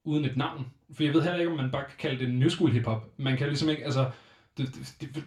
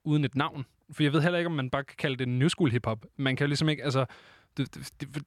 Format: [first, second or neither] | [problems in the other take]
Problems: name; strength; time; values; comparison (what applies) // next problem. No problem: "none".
second | room echo; very slight; dies away in 0.3 s // off-mic speech; somewhat distant